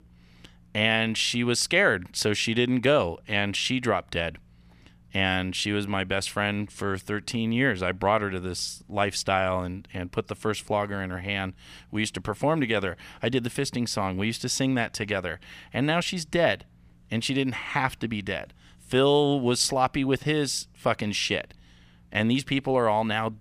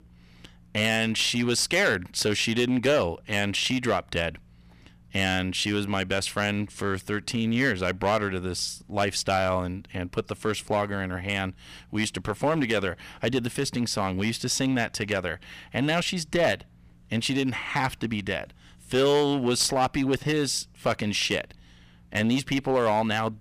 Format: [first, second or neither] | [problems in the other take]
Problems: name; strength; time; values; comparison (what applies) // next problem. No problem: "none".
first | distortion; slight; 5% of the sound clipped